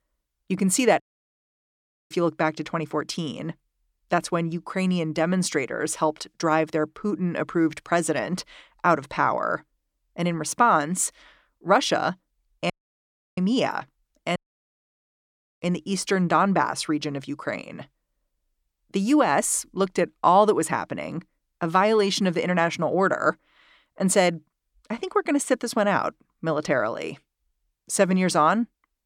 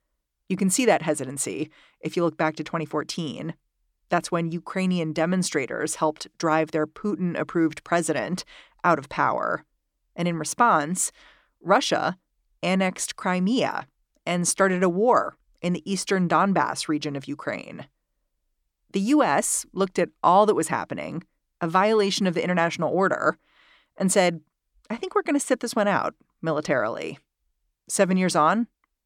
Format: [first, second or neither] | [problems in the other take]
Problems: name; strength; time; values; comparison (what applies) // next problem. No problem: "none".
second | audio cutting out; at 1 s for 1 s, at 13 s for 0.5 s and at 14 s for 1.5 s